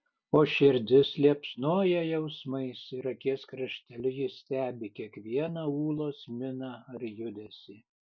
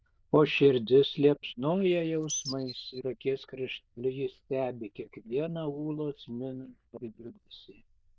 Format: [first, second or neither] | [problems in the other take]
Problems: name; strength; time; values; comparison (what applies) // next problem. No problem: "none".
first | noise reduction (neural diffusion model UNIVERSE++)